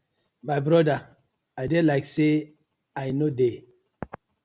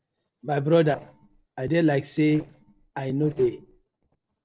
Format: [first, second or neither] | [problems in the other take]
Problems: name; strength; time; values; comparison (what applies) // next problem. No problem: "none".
first | noise reduction (neural separator model SepFormer DNS4)